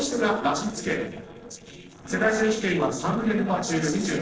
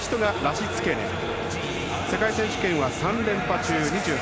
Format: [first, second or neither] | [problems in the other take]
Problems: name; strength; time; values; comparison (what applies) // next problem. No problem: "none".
second | noise reduction (neural separator model SepFormer DNS4)